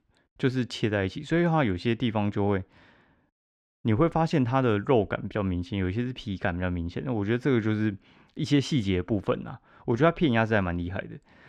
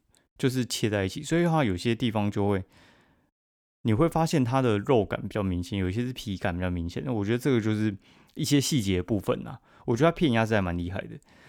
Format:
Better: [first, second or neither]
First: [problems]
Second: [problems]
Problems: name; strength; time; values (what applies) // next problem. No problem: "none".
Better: second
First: muffled; slightly; fading above 3.5 kHz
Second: none